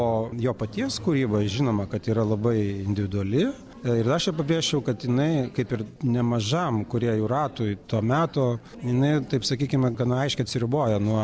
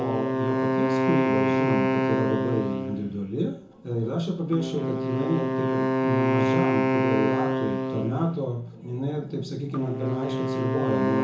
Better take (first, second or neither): first